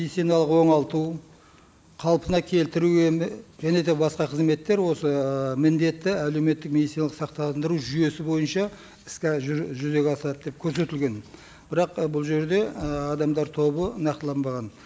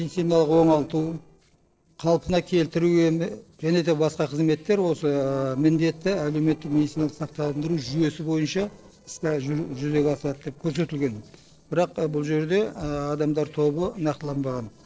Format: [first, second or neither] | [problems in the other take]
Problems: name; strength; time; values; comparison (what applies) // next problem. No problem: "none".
first | noise reduction (neural separator model SepFormer DNS4)